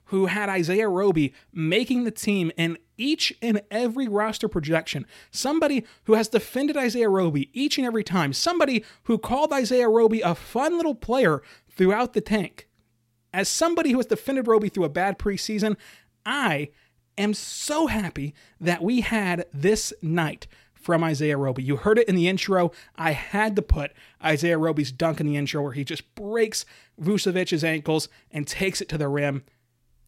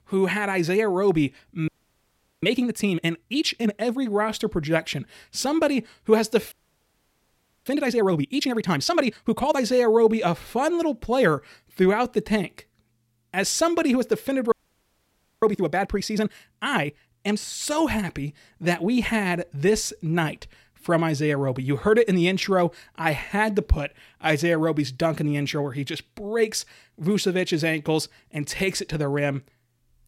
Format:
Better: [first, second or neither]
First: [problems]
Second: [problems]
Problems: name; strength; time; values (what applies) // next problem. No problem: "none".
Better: first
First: none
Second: audio freezing; at 1.5 s for 0.5 s, at 6.5 s for 1 s and at 15 s for 1 s